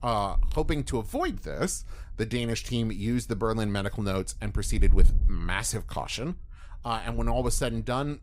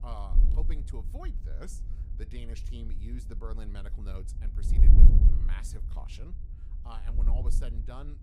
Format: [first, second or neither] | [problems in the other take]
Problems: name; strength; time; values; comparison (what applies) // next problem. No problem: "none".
first | wind noise on the microphone; heavy; 1 dB below the speech; occasional gusts in the first